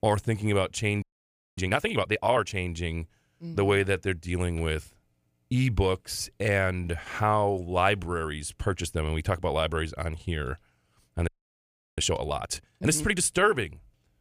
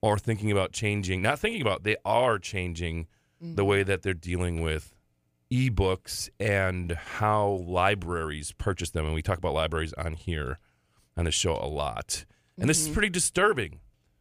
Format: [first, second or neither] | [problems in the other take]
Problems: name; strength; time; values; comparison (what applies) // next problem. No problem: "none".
second | audio freezing; at 1 s for 0.5 s and at 11 s for 0.5 s